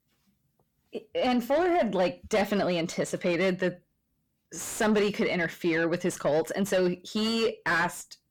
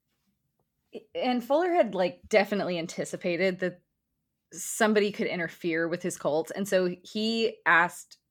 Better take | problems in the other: second | distortion; heavy; 7 dB below the speech

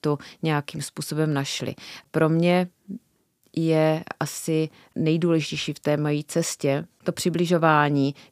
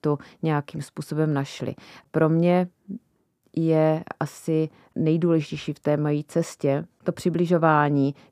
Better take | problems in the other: first | muffled; slightly; fading above 2 kHz

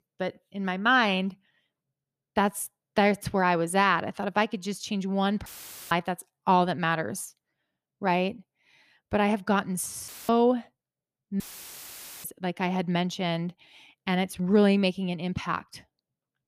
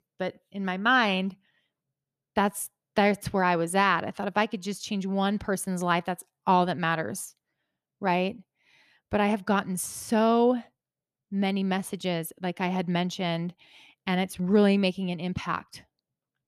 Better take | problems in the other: second | audio cutting out; filled with static; at 5.5 s, at 10 s and at 11 s for 1 s

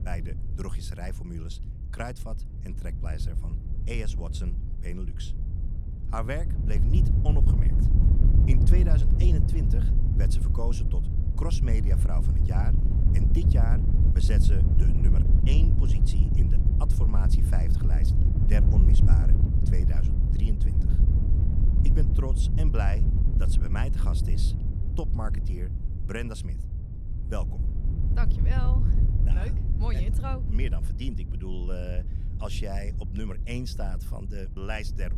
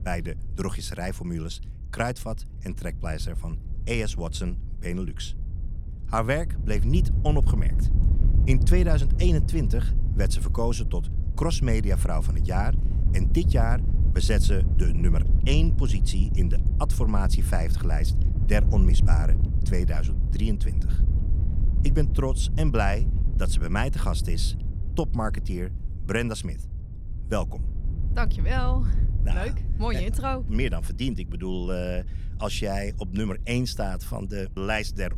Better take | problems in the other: second | wind noise on the microphone; heavy; 1 dB below the speech; occasional gusts in the second

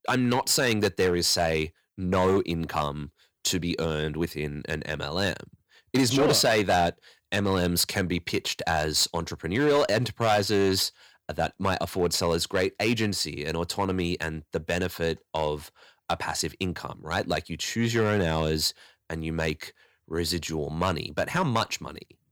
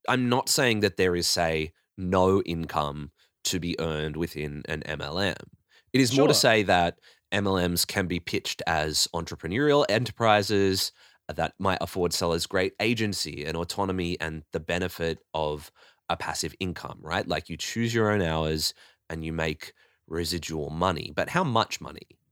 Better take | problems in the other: second | distortion; slight; 3% of the sound clipped

